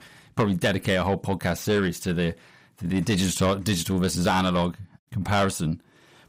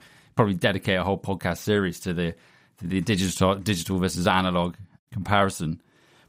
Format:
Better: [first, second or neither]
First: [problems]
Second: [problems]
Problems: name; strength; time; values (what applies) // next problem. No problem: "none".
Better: second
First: distortion; slight; 10 dB below the speech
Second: none